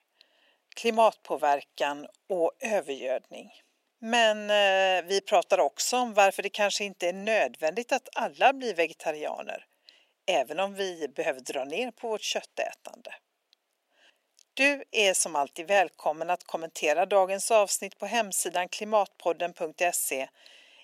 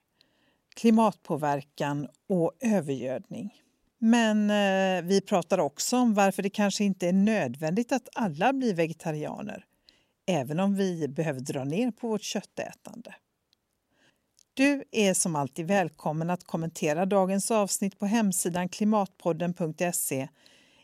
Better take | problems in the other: second | thin; very; fading below 400 Hz

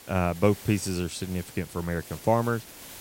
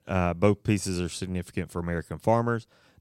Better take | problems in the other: second | hiss; noticeable; throughout; 15 dB below the speech

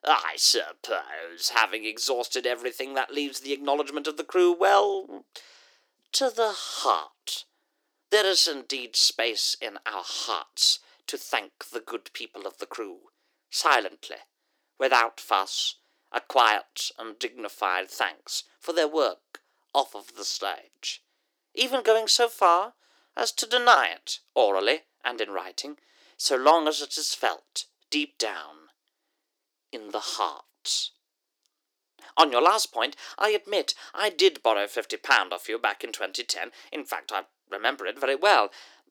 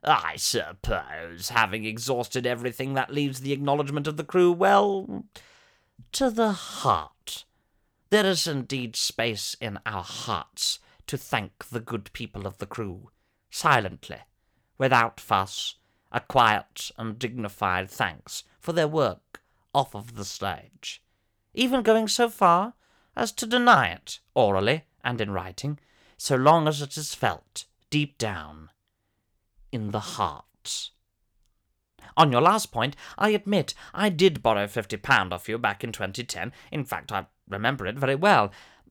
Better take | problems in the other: second | thin; somewhat; fading below 300 Hz

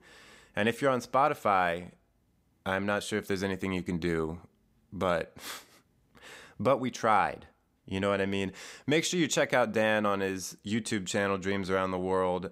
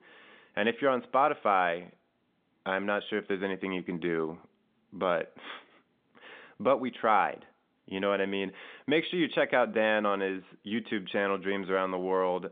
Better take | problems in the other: first | phone-call audio; nothing above 3.5 kHz

